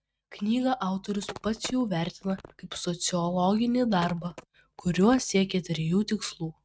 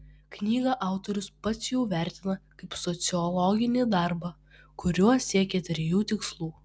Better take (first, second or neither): second